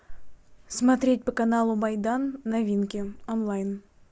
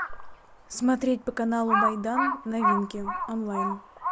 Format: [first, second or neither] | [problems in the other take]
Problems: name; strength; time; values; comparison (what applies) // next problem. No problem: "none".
first | background sound (Crow); 1 dB below the speech